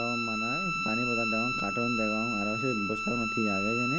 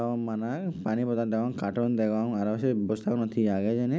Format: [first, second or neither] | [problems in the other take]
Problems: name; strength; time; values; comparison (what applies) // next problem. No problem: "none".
second | background sound (Bowed string instrument); as loud as the speech